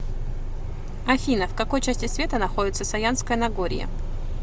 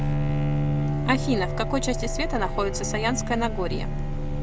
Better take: first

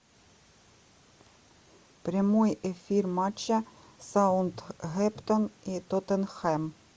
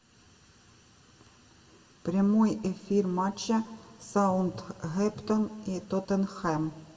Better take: first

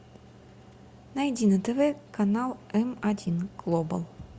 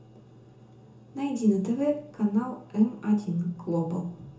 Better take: first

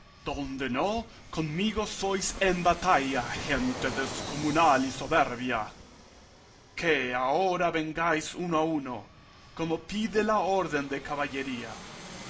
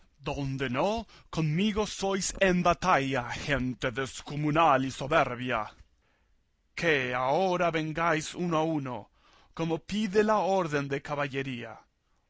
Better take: second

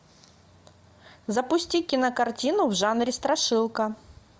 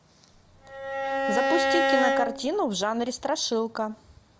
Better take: first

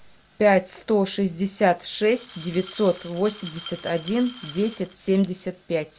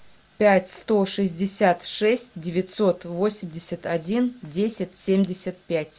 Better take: second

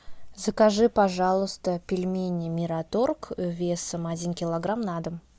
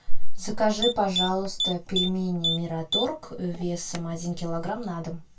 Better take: first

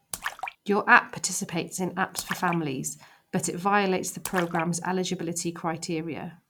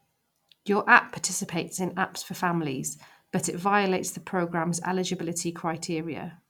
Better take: second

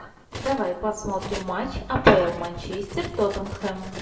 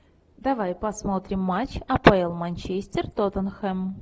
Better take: second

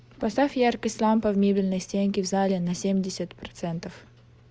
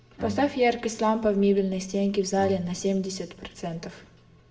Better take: first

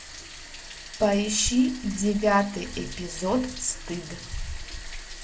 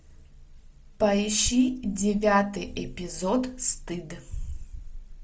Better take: second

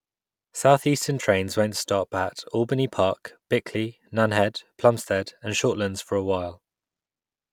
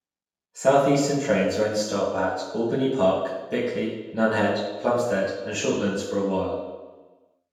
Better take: first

